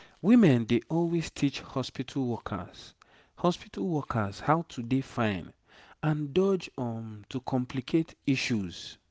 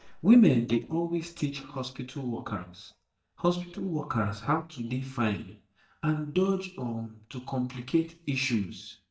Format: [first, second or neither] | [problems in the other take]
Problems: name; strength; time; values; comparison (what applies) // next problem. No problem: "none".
first | noise reduction (neural mask model DeepFilterNet 3)